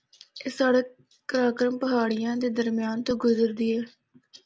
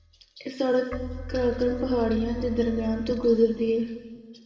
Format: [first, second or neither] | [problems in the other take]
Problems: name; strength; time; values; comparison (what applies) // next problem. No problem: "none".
first | background sound (Keyboard (musical)); 13 dB below the speech // room echo; dies away in 1.7 s